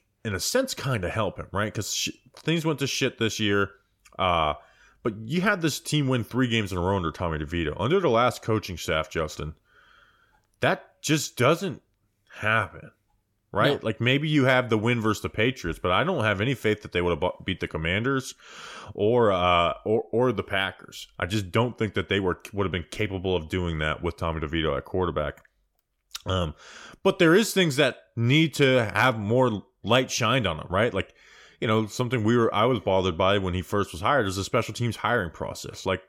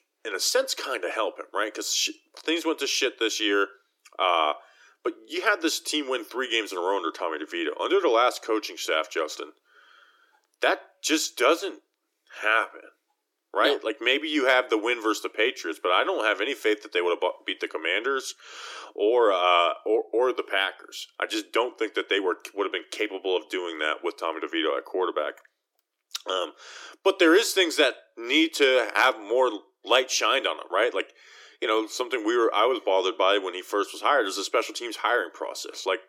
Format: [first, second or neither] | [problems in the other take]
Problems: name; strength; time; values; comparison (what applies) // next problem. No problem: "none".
first | thin; very; fading below 300 Hz